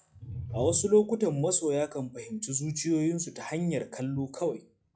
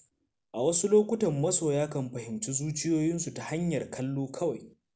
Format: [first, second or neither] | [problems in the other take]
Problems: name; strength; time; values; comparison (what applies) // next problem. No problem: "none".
second | noise reduction (classical method log-MMSE)